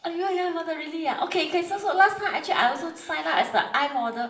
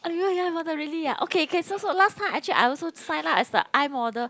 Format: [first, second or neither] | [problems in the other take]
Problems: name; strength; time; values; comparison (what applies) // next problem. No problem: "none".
second | room echo; dies away in 0.7 s